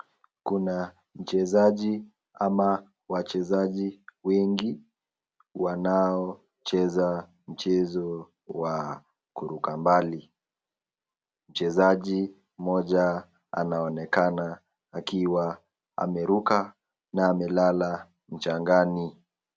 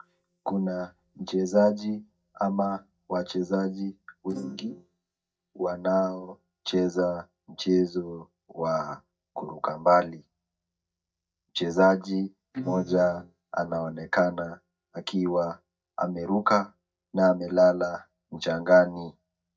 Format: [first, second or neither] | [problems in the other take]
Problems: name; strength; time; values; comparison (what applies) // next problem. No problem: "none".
first | noise reduction (neural mask model DeepFilterNet 3)